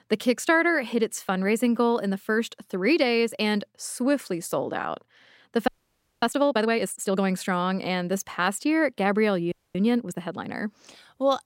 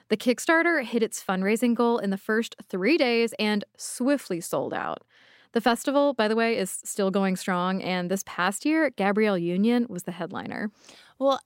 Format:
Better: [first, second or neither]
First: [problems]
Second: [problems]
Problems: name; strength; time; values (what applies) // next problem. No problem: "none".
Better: second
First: audio freezing; at 5.5 s for 0.5 s and at 9.5 s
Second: none